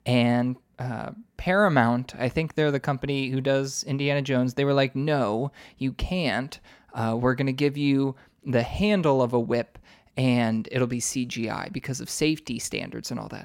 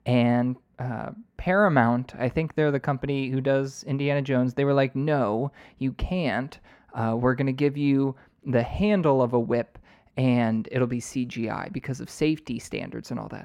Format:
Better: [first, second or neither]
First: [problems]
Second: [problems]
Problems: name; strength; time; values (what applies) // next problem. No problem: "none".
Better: first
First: none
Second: muffled; slightly; fading above 3 kHz